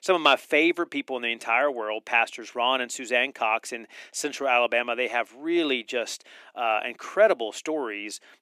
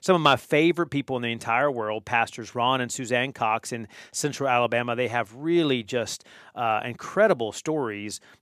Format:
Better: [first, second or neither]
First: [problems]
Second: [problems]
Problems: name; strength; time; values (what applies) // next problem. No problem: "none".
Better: second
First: thin; very slightly; fading below 300 Hz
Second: none